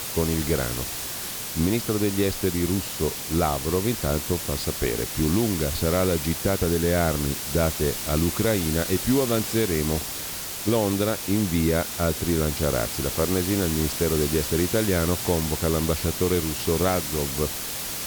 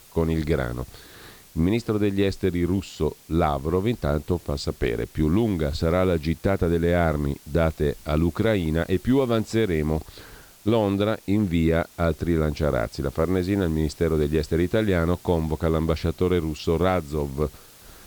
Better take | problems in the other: second | hiss; loud; throughout; 3 dB below the speech; faint in the second

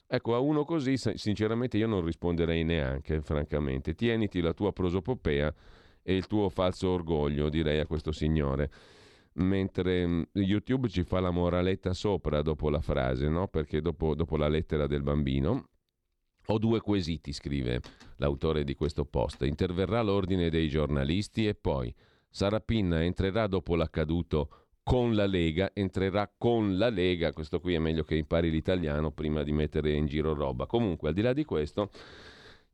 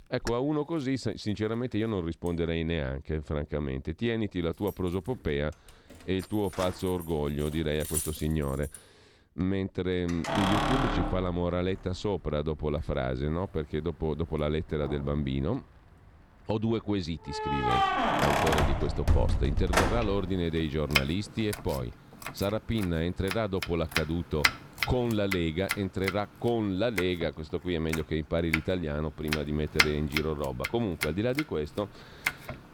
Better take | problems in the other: first | household noises; loud; throughout; as loud as the speech

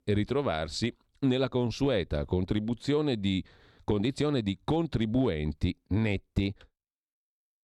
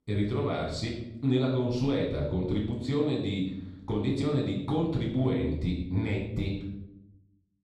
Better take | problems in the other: first | off-mic speech; far // room echo; noticeable; dies away in 0.7 s

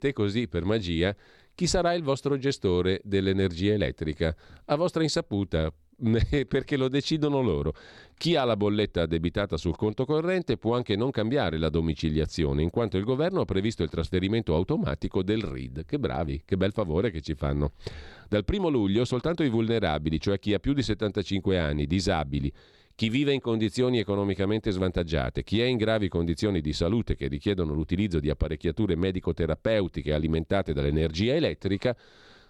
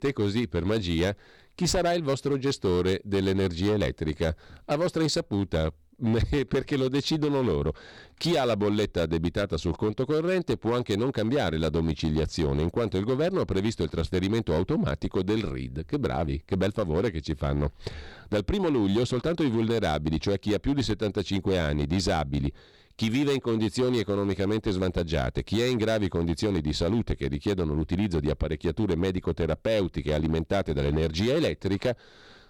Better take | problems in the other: first | distortion; slight; 10% of the sound clipped

